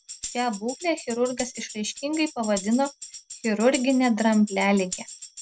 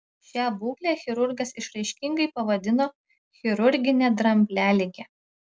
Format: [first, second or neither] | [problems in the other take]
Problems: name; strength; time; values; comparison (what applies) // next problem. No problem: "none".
second | background sound (Tambourine); 13 dB below the speech